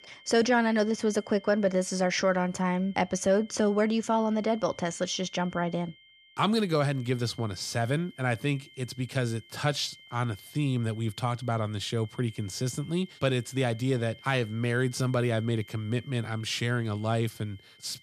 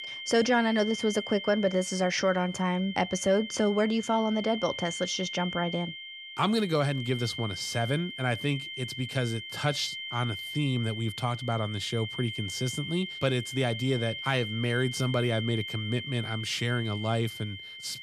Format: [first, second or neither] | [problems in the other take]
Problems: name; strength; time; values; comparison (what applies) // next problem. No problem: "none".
first | high-pitched whine; loud; throughout; 3 kHz, 8 dB below the speech; faint in the first